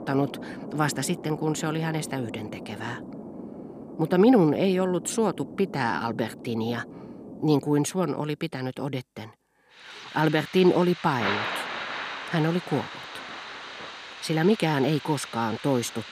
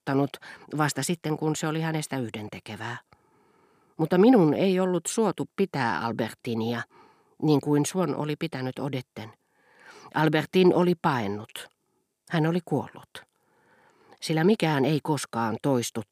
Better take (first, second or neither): second